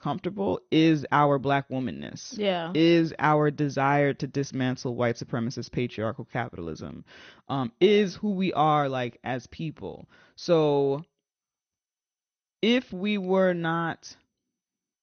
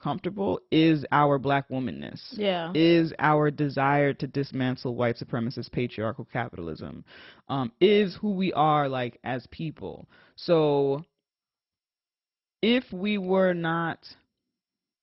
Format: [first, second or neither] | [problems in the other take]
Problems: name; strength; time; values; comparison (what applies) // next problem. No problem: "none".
first | garbled, watery; badly; nothing above 5.5 kHz; slightly in the first